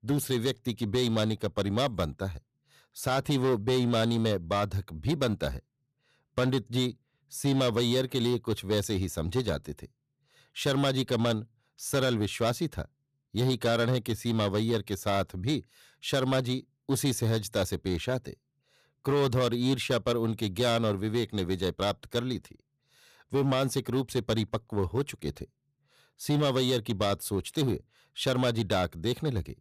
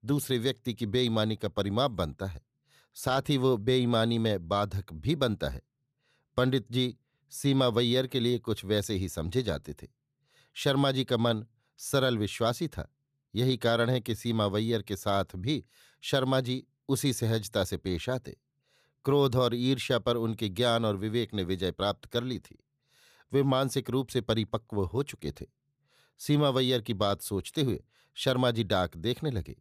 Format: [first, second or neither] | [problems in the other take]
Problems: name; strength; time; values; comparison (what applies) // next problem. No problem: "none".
second | distortion; slight; 7% of the sound clipped